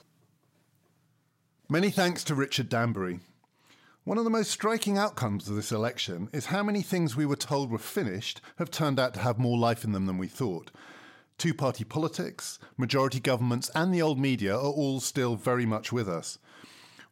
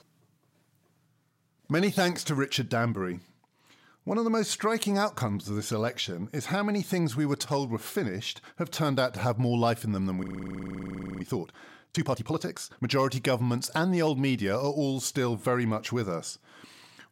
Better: first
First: none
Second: audio freezing; at 10 s for 1 s

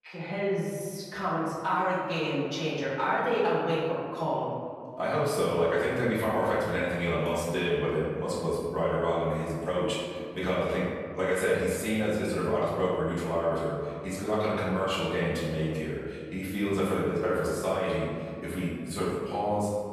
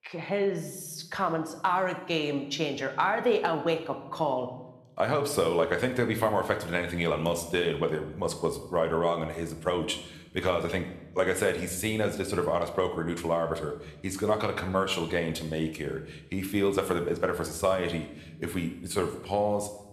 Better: second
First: room echo; strong; dies away in 2.1 s // off-mic speech; far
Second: room echo; slight; dies away in 0.8 s

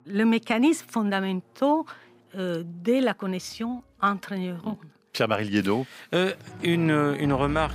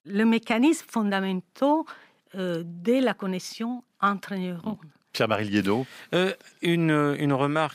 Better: second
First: background music; noticeable; throughout; 15 dB below the speech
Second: none

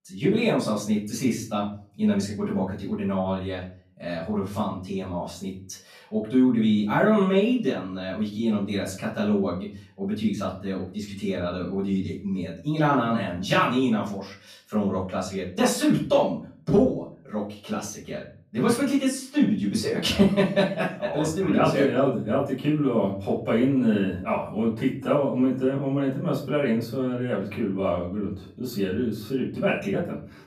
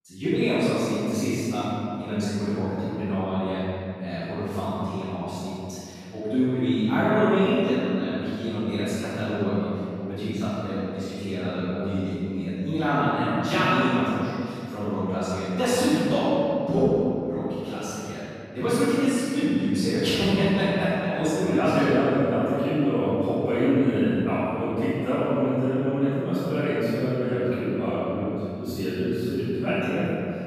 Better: first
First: room echo; slight; dies away in 0.4 s // off-mic speech; far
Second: room echo; strong; dies away in 2.3 s // off-mic speech; far

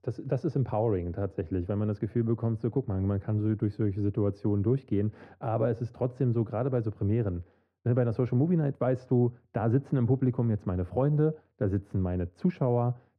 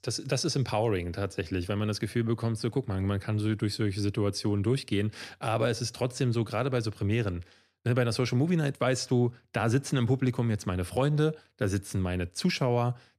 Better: second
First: muffled; very; fading above 2 kHz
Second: none

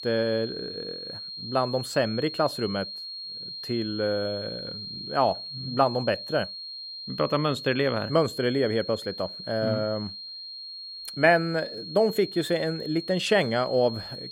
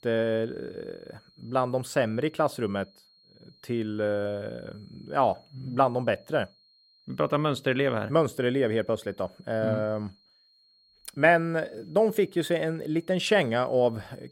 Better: second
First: high-pitched whine; loud; throughout; 4.5 kHz, 9 dB below the speech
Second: high-pitched whine; faint; throughout; 4.5 kHz, 30 dB below the speech

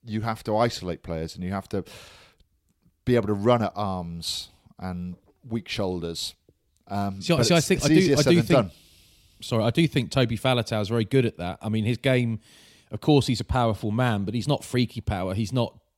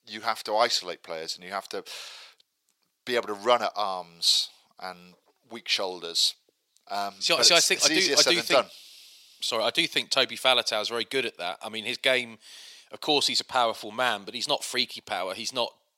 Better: first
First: none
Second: thin; very; fading below 650 Hz

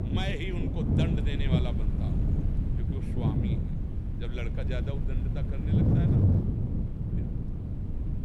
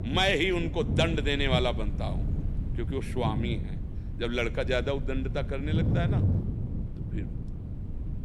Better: second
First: wind noise on the microphone; heavy; 2 dB above the speech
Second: wind noise on the microphone; occasional gusts; 10 dB below the speech

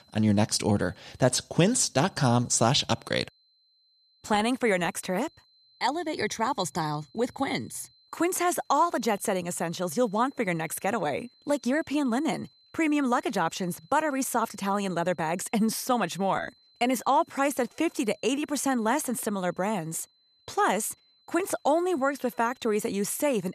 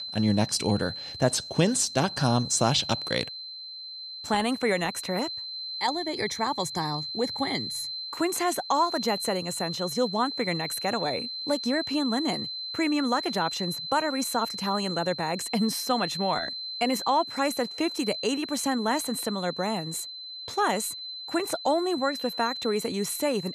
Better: first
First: high-pitched whine; faint; throughout; 4 kHz, 35 dB below the speech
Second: high-pitched whine; loud; throughout; 4 kHz, 6 dB below the speech

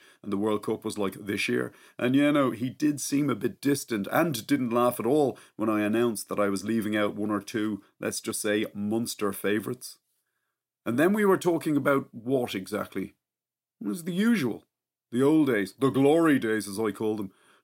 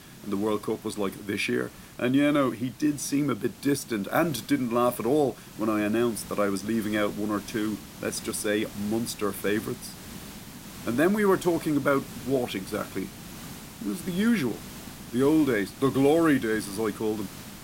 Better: first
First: none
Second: hiss; noticeable; throughout; 15 dB below the speech

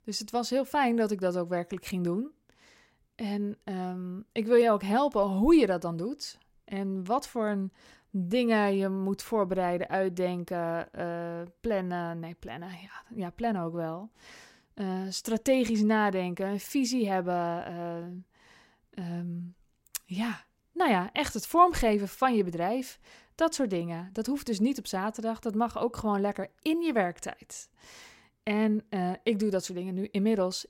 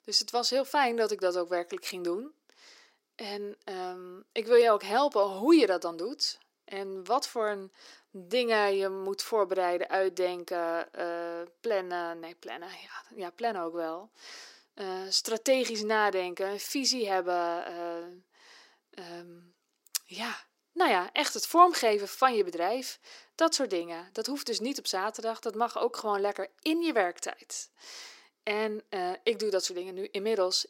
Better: first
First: none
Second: thin; somewhat; fading below 350 Hz

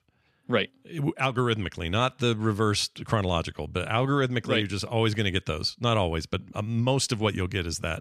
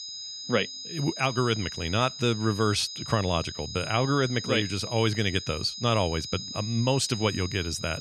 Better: first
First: none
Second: high-pitched whine; loud; throughout; 5 kHz, 9 dB below the speech

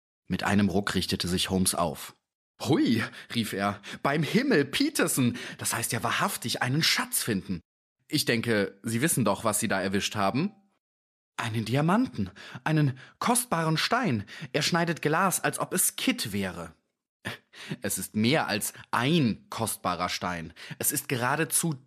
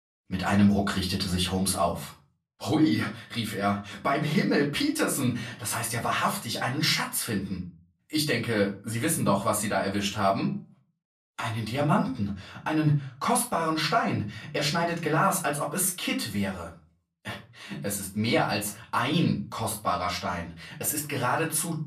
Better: first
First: none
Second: off-mic speech; far // room echo; very slight; dies away in 0.3 s

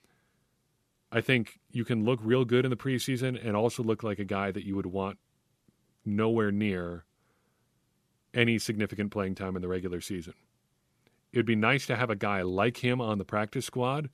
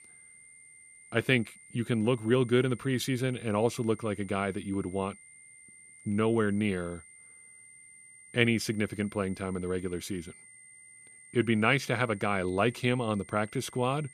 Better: first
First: none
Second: high-pitched whine; faint; throughout; 2 kHz, 20 dB below the speech

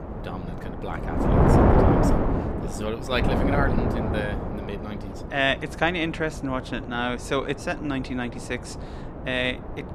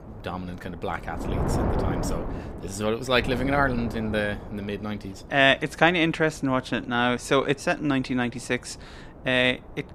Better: second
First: wind noise on the microphone; heavy; as loud as the speech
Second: wind noise on the microphone; occasional gusts; 10 dB below the speech

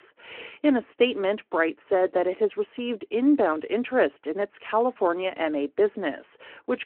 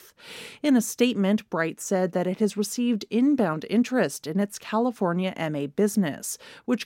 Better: second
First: phone-call audio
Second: none

